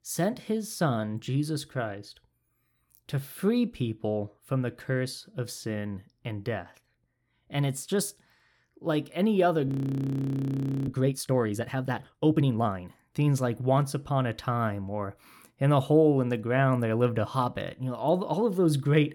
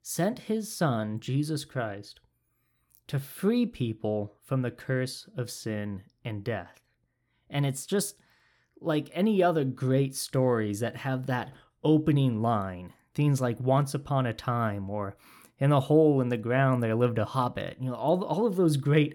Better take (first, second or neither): second